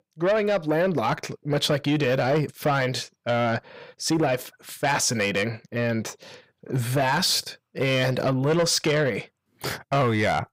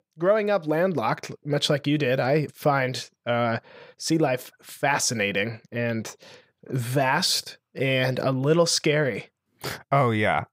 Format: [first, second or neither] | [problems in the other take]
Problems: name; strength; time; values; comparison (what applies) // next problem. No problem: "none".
second | distortion; slight; 10 dB below the speech